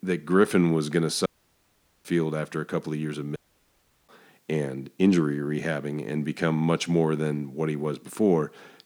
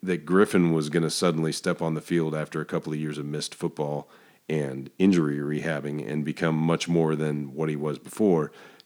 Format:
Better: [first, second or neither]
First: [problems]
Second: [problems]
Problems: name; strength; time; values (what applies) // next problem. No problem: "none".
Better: second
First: audio cutting out; at 1.5 s for 1 s and at 3.5 s for 0.5 s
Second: none